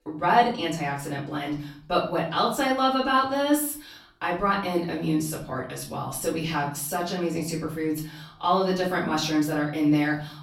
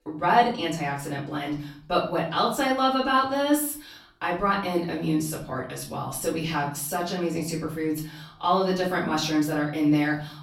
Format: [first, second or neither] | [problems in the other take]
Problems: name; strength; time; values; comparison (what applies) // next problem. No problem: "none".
neither | off-mic speech; far; the same in both // room echo; slight; dies away in 0.5 s; the same in both